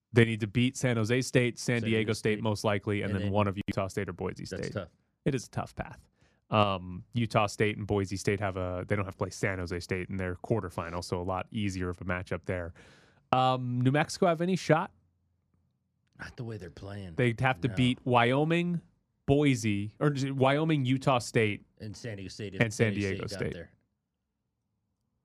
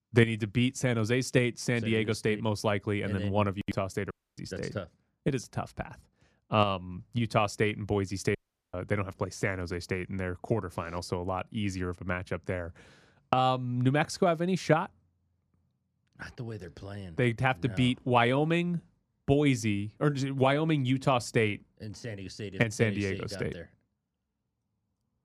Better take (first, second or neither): first